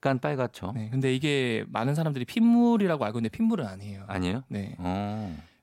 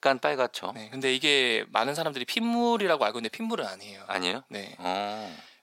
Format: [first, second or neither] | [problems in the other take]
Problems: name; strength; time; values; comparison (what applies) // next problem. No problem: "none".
first | thin; somewhat; fading below 500 Hz